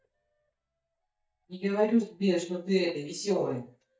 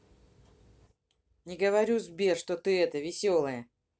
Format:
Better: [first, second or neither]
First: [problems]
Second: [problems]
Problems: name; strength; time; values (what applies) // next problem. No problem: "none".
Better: second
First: noise reduction (neural mask model DeepFilterNet 3)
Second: none